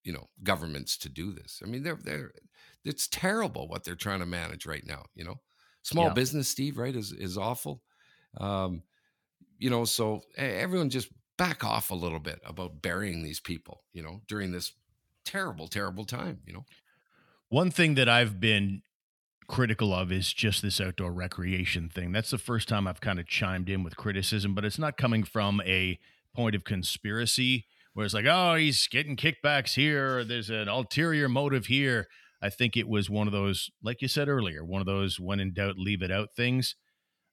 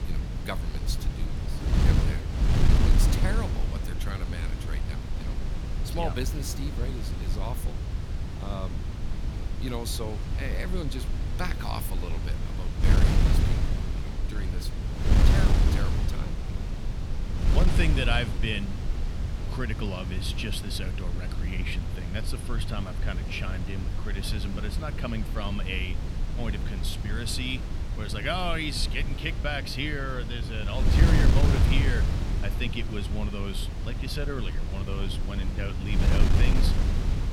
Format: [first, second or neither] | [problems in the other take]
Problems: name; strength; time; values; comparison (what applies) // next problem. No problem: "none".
first | wind noise on the microphone; heavy; 4 dB below the speech